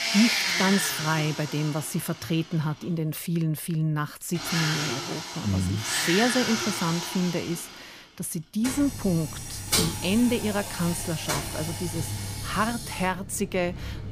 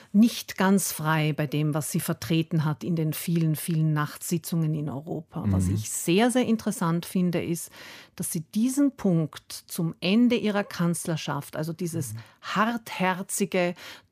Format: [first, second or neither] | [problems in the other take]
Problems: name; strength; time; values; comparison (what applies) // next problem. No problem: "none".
second | household noises; loud; throughout; 1 dB below the speech